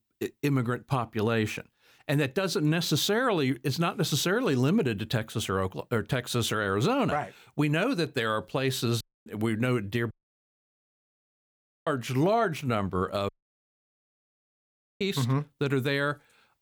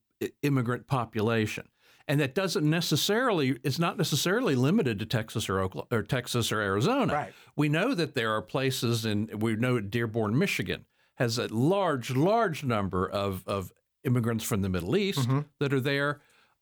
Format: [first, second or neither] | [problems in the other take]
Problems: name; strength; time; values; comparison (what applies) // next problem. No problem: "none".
second | audio cutting out; at 9 s, at 10 s for 2 s and at 13 s for 1.5 s